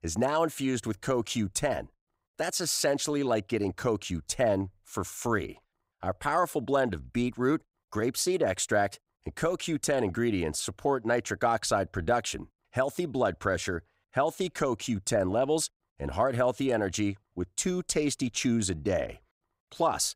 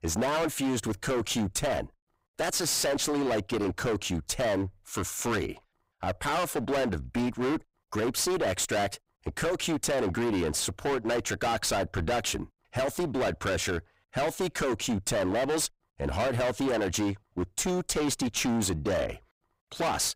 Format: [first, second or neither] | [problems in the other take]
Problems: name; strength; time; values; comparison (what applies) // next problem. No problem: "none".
first | distortion; heavy; 26% of the sound clipped